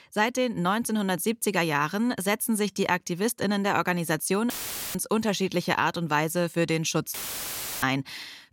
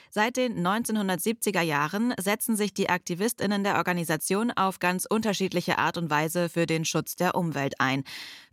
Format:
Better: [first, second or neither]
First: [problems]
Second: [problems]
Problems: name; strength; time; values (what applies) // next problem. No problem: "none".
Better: second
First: audio cutting out; filled with static; at 4.5 s and at 7 s for 0.5 s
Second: none